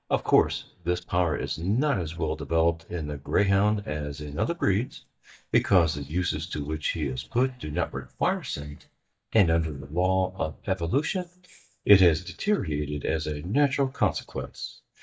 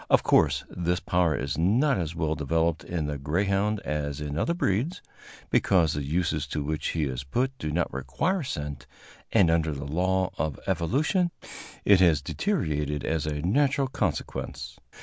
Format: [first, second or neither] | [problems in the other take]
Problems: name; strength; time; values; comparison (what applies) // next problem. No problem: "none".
second | noise reduction (neural mask model DeepFilterNet 3)